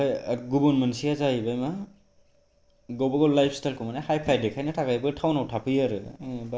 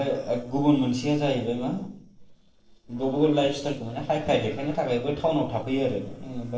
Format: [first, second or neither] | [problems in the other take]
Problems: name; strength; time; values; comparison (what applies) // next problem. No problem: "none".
first | noise reduction (neural separator model SepFormer DNS4)